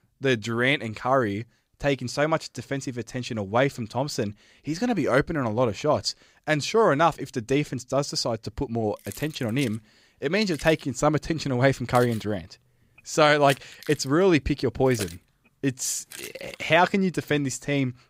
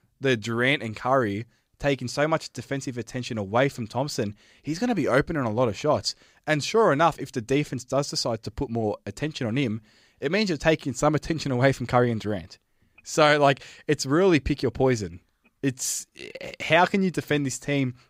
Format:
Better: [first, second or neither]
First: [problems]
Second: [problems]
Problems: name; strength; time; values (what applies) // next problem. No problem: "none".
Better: second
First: jangling keys; faint; from 9 to 17 s; peak 10 dB below the speech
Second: none